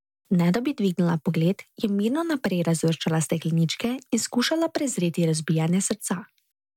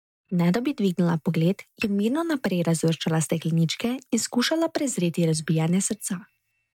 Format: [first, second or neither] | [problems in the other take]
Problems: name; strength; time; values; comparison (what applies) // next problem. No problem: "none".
first | noise reduction (neural mask model DeepFilterNet 3)